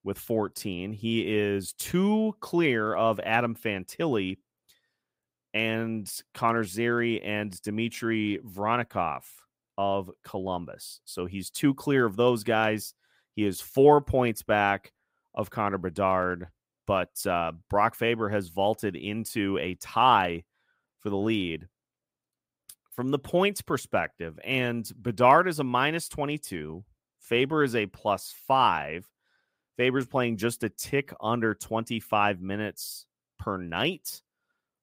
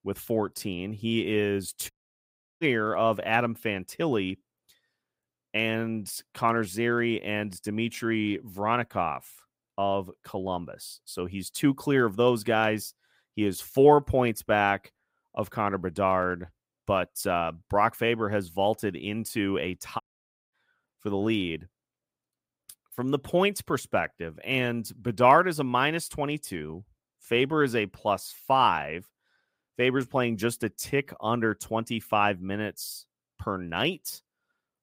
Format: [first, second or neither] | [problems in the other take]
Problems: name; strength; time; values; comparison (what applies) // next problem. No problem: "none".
first | audio cutting out; at 2 s for 0.5 s and at 20 s for 0.5 s